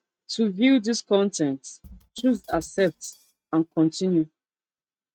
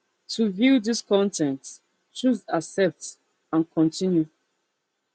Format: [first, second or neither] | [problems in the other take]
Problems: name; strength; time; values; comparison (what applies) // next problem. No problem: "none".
second | noise reduction (neural mask model RNNoise)